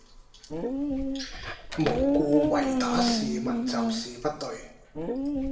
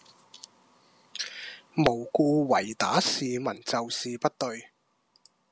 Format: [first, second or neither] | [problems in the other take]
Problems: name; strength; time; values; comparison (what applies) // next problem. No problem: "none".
second | background sound (Dog); 3 dB above the speech // room echo; dies away in 0.7 s